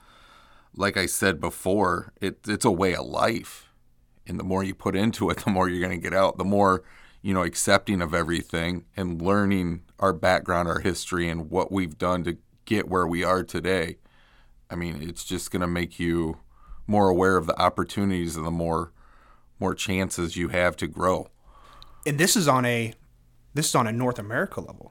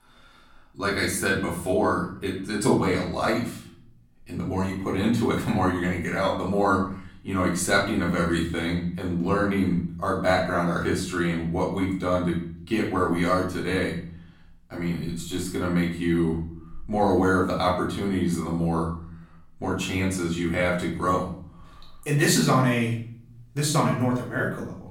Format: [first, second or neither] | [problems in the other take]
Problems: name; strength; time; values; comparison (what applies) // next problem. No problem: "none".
first | off-mic speech; far // room echo; noticeable; dies away in 0.6 s